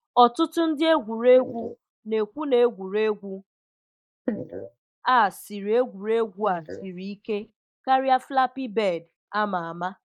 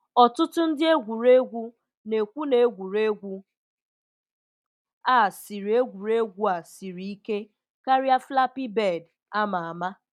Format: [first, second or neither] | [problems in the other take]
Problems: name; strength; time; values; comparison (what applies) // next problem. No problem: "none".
second | noise reduction (neural mask model Resemble Enhance denoiser)